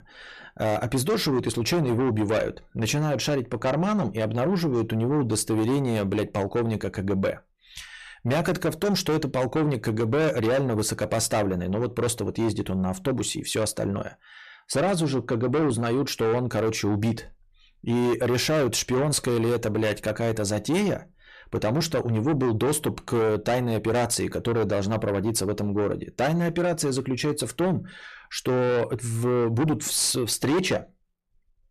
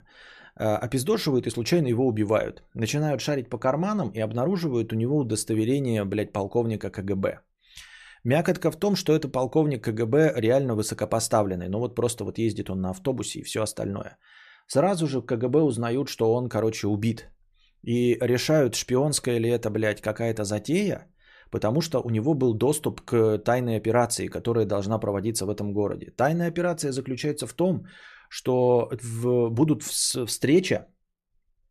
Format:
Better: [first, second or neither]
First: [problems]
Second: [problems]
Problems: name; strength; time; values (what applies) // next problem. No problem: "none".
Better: second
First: distortion; heavy; 8 dB below the speech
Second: none